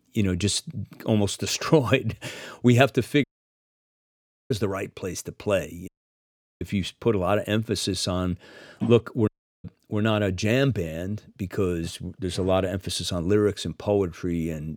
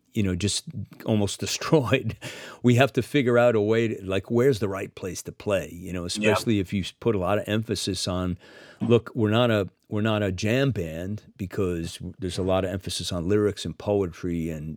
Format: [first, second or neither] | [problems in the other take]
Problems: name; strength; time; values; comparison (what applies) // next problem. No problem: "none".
second | audio cutting out; at 3 s for 1.5 s, at 6 s for 0.5 s and at 9.5 s